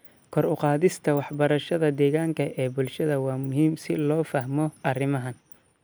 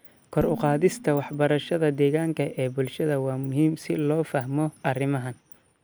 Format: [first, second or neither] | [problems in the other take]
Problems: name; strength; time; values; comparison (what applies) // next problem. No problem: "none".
first | background sound (Dishes, pots, and pans); 16 dB below the speech